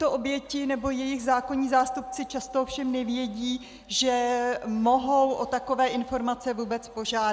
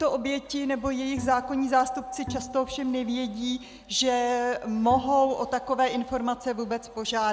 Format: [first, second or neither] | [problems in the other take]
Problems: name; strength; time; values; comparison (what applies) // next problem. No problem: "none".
first | background sound (Bowed string instrument); 15 dB below the speech